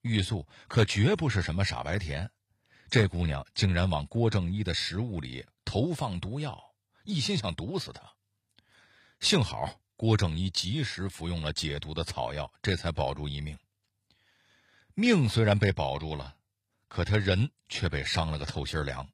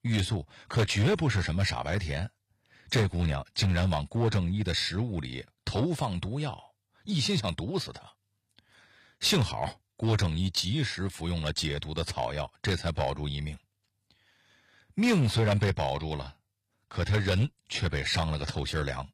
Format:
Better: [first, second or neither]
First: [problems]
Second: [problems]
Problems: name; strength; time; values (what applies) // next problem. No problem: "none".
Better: first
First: none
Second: distortion; slight; 4% of the sound clipped